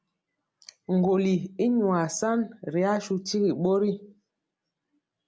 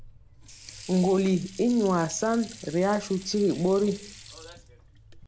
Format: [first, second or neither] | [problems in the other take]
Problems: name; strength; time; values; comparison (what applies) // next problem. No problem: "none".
first | background sound (Sink (filling or washing) / Water); 18 dB below the speech